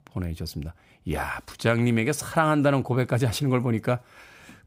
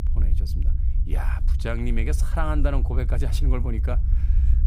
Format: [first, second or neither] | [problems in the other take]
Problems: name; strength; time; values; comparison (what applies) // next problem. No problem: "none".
first | low rumble; noticeable; throughout; 10 dB below the speech